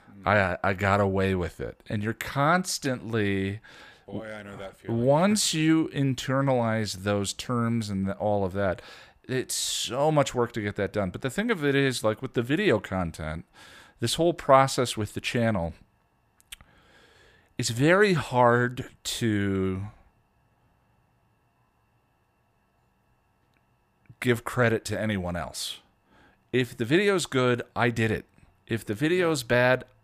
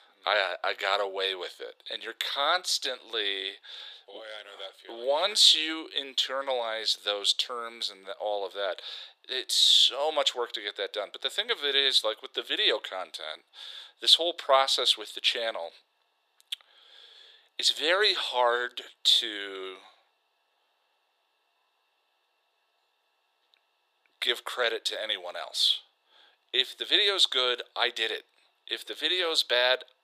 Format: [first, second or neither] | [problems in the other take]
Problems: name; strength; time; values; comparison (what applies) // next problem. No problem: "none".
first | thin; very; fading below 400 Hz